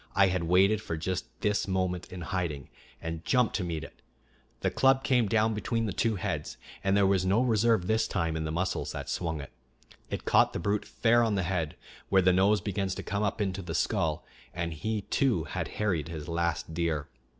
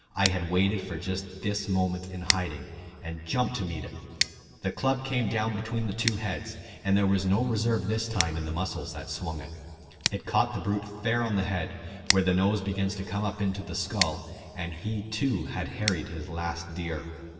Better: first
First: none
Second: background sound (Scissors); 9 dB below the speech // room echo; dies away in 2.4 s

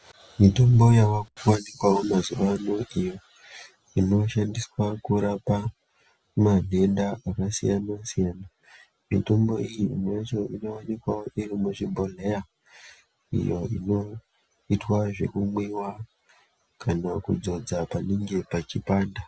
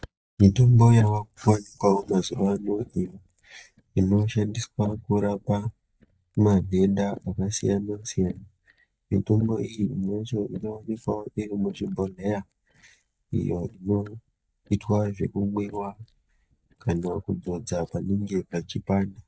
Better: first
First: none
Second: noise reduction (neural mask model DeepFilterNet 3)

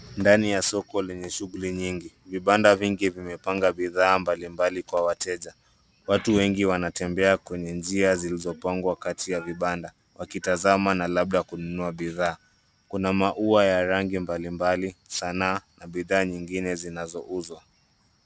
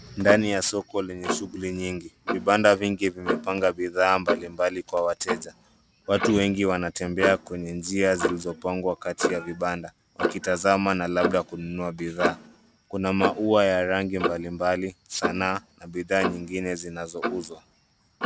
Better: first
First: none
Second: background sound (Clock); 7 dB below the speech

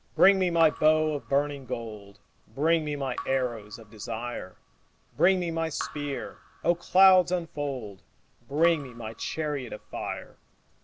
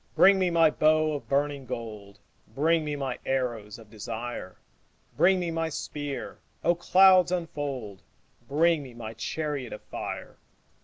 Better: second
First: background sound (Raindrop / Drip); 19 dB below the speech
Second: none

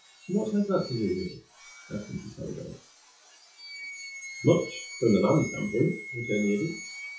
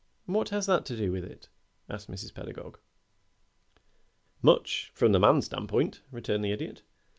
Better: second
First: noise reduction (classical method WPE with log-MMSE)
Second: none

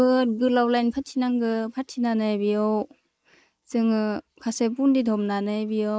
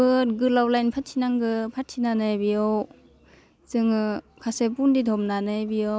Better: second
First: noise reduction (neural mask model Resemble Enhance denoiser)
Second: none

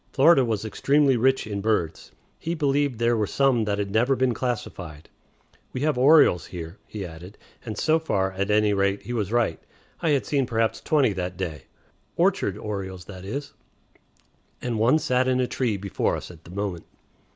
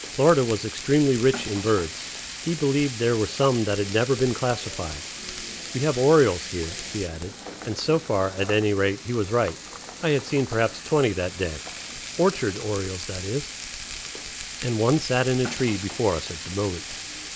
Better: first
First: none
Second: background sound (Frying (food)); 11 dB below the speech

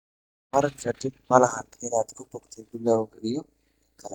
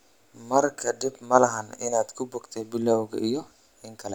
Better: second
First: noise reduction (neural mask model DeepFilterNet 3)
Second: none

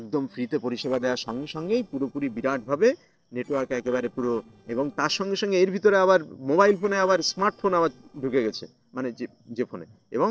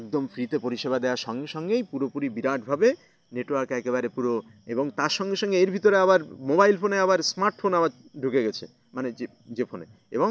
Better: second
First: noise reduction (neural separator model SepFormer DNS4)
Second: none

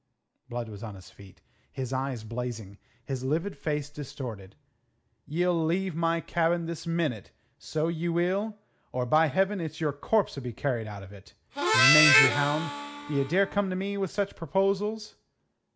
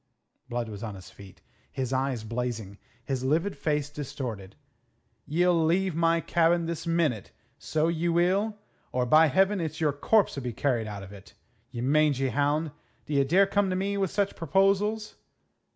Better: second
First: background sound (Harmonica); 3 dB above the speech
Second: none

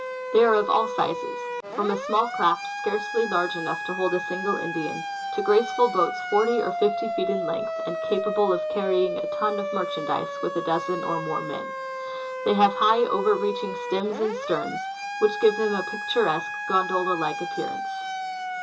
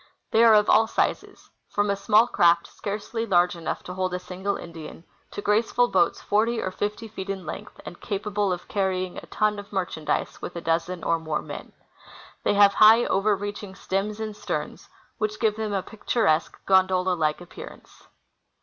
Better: second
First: background sound (Siren); 5 dB below the speech // room echo; dies away in 0.2 s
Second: none

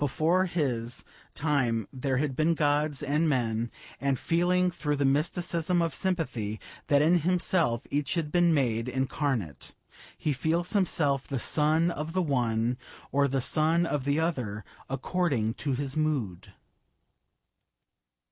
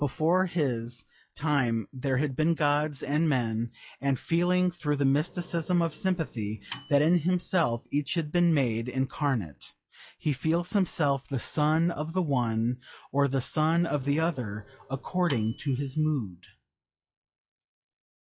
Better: first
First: none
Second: noise reduction (classical method log-MMSE)

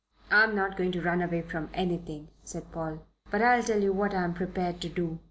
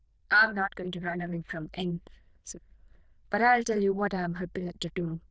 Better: first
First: none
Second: noise reduction (neural diffusion model UNIVERSE++)

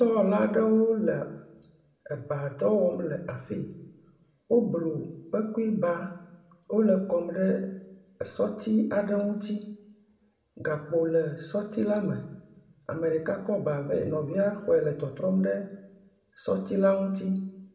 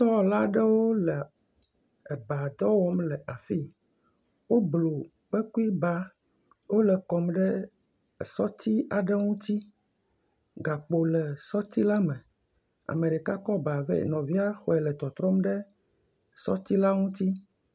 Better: second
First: room echo; dies away in 0.7 s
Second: none

